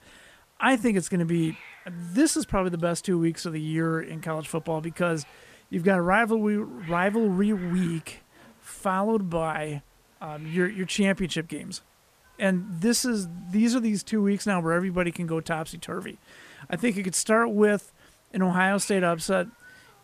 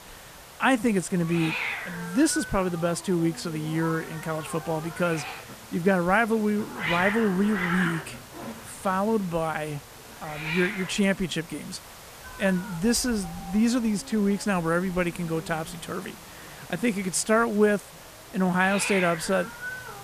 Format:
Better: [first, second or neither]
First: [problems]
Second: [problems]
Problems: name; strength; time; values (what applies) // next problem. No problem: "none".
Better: first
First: hiss; faint; throughout; 25 dB below the speech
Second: hiss; loud; throughout; 10 dB below the speech